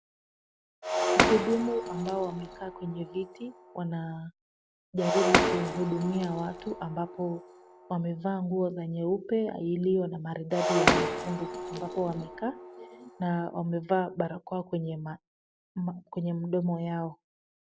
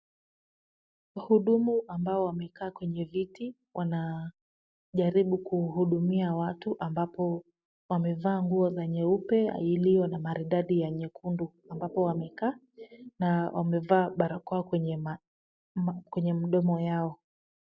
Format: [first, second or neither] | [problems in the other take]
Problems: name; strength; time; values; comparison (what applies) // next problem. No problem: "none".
second | background sound (Shatter); 1 dB above the speech